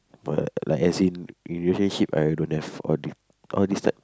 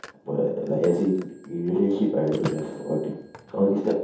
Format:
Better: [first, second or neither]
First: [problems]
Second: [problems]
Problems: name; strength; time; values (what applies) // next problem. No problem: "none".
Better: first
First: none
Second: background sound (Telephone); 17 dB below the speech // room echo; dies away in 0.7 s